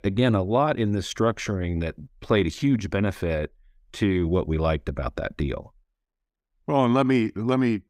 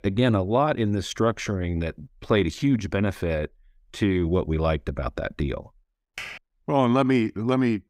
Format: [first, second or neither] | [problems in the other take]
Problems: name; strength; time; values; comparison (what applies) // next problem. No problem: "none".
first | keyboard typing; faint; at 6 s; peak 10 dB below the speech